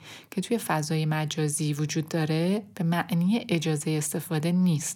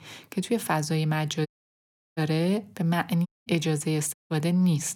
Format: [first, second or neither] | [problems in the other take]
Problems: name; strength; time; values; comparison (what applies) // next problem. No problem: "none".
first | audio cutting out; at 1.5 s for 0.5 s, at 3.5 s and at 4 s